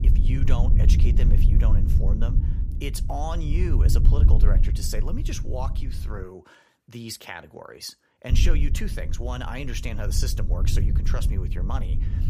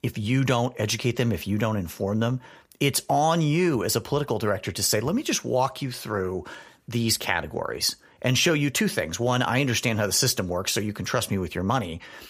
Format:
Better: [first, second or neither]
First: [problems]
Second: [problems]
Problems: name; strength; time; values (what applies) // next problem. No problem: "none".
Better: second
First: low rumble; loud; until 6 s and from 8.5 s on; 5 dB below the speech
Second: none